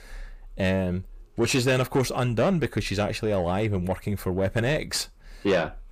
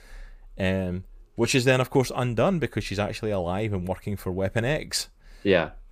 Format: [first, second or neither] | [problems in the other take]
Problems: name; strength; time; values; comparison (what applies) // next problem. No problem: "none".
second | distortion; slight; 10 dB below the speech